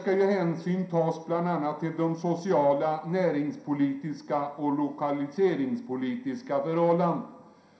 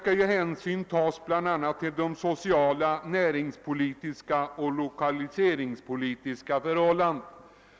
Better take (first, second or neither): second